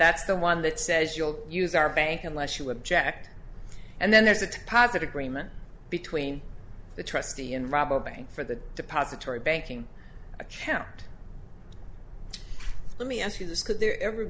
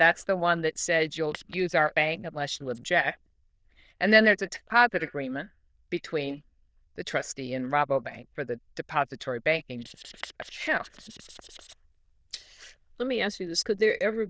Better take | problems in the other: first | noise reduction (neural diffusion model UNIVERSE++)

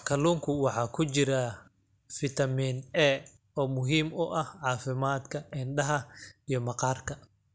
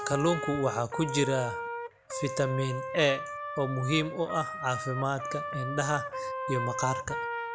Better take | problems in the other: first | background sound (Trumpet); 5 dB below the speech

